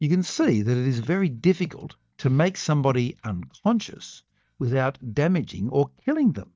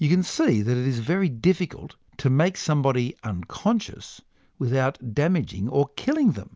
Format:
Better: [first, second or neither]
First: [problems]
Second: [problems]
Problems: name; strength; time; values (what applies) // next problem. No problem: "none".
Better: second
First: noise reduction (neural mask model DeepFilterNet 3)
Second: none